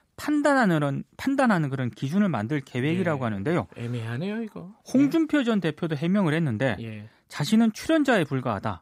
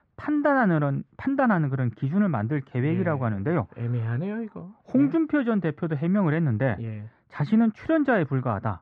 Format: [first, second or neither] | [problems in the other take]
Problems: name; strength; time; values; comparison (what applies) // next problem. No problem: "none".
first | muffled; very; fading above 1.5 kHz